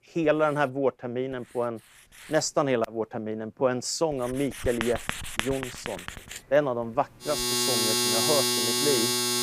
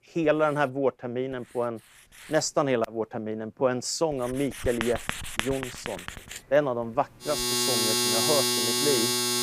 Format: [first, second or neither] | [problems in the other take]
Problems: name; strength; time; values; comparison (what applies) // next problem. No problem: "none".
neither | household noises; very loud; throughout; 3 dB above the speech; the same in both